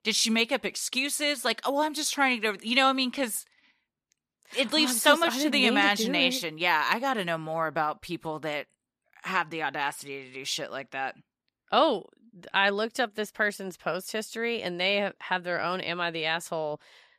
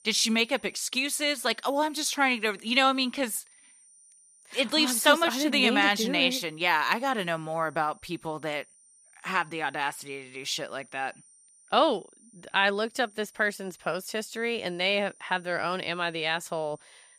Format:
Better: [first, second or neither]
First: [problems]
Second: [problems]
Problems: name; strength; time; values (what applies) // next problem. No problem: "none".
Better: first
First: none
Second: high-pitched whine; faint; throughout; 9 kHz, 30 dB below the speech